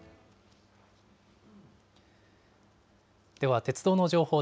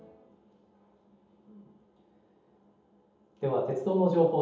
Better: first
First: none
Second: room echo; dies away in 0.7 s

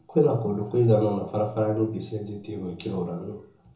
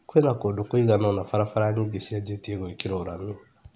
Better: second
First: room echo; dies away in 0.6 s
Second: none

